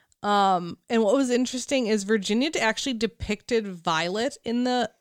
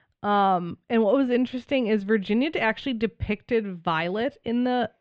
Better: first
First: none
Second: muffled; very; fading above 3 kHz

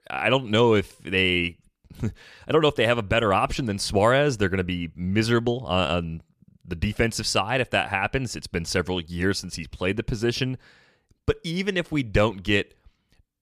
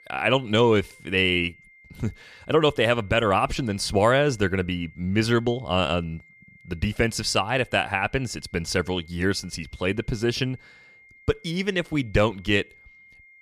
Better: first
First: none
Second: high-pitched whine; faint; throughout; 2 kHz, 25 dB below the speech

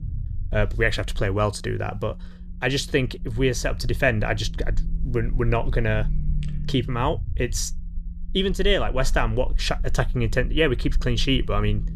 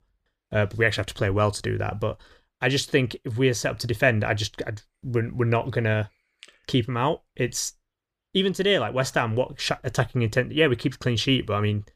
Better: second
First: low rumble; faint; throughout; 25 dB below the speech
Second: none

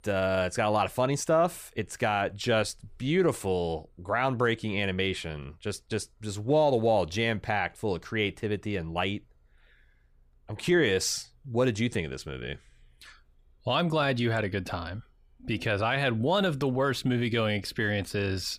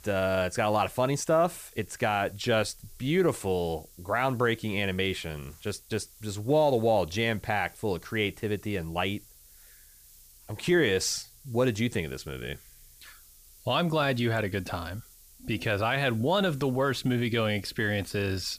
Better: first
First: none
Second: hiss; faint; throughout; 25 dB below the speech

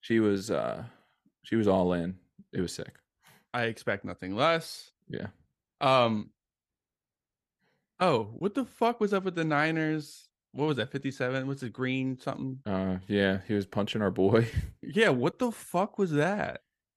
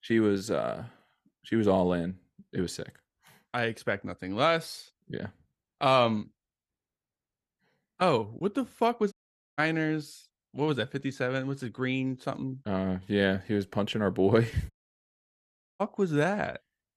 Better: first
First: none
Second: audio cutting out; at 9 s and at 15 s for 1 s

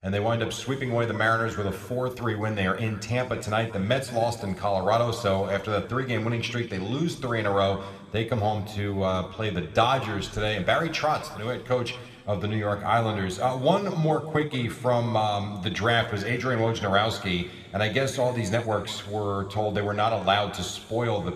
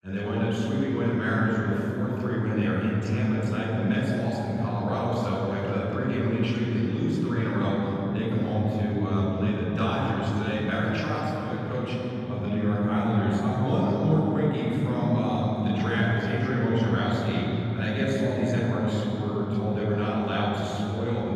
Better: first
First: room echo; slight; dies away in 2.4 s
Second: room echo; strong; dies away in 3 s // off-mic speech; far

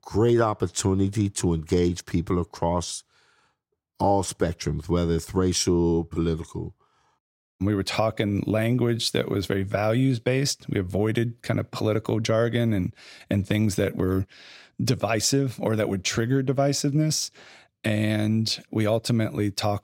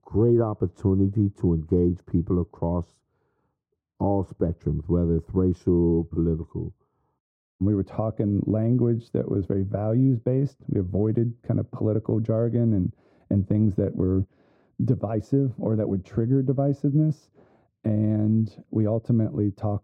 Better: first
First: none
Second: muffled; very; fading above 1 kHz

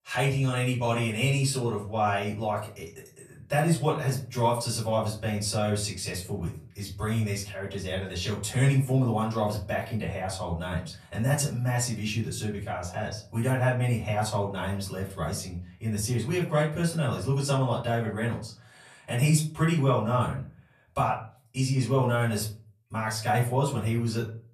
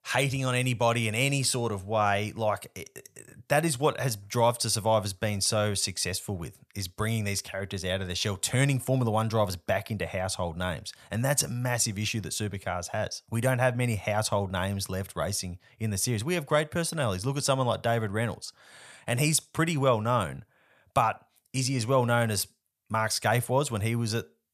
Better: second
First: room echo; slight; dies away in 0.4 s // off-mic speech; far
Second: none

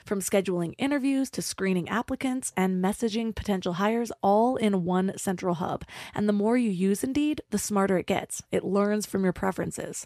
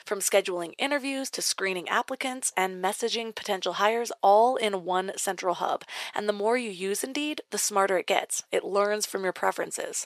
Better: first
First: none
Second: thin; very; fading below 550 Hz

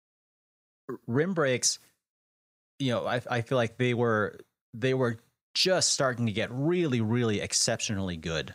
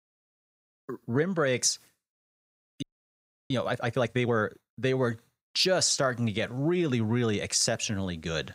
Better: first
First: none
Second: audio freezing; at 3 s for 0.5 s

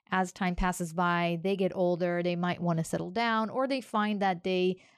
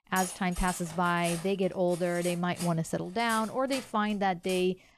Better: first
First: none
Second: clattering dishes; noticeable; peak 7 dB below the speech

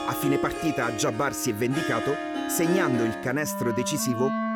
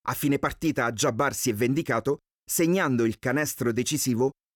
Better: second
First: background music; loud; throughout; 3 dB below the speech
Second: none

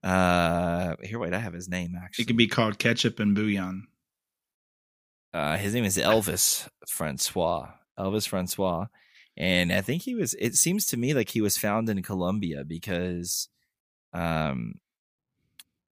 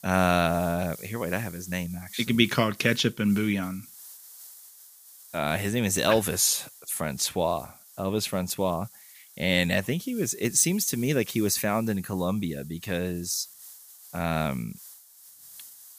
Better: first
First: none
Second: hiss; noticeable; throughout; 20 dB below the speech

